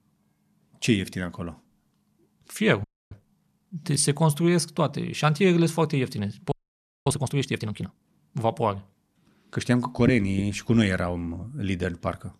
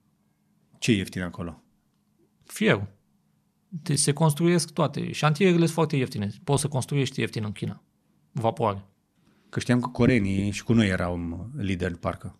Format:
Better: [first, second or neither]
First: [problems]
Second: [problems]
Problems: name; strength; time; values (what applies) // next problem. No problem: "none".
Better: second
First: audio freezing; at 3 s and at 6.5 s for 0.5 s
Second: none